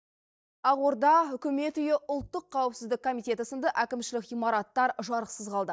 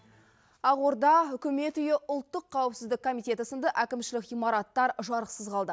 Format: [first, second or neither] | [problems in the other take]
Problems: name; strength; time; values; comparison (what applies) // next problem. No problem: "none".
second | noise reduction (neural mask model DeepFilterNet 3)